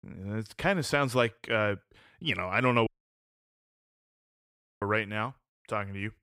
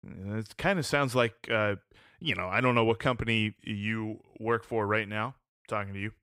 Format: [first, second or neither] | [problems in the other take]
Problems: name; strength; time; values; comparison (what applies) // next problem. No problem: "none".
second | audio cutting out; at 3 s for 2 s